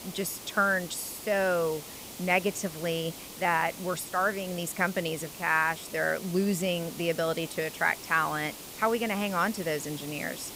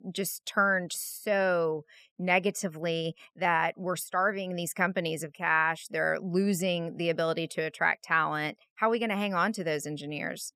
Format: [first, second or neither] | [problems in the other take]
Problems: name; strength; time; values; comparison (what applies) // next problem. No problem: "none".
second | hiss; noticeable; throughout; 10 dB below the speech